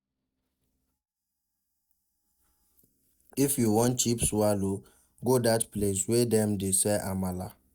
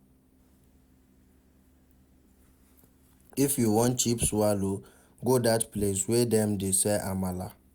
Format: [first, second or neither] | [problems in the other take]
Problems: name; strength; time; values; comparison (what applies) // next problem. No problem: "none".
second | noise reduction (neural mask model DeepFilterNet 3)